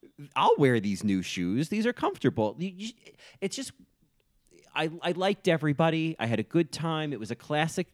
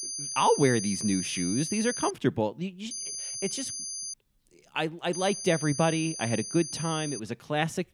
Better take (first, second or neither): first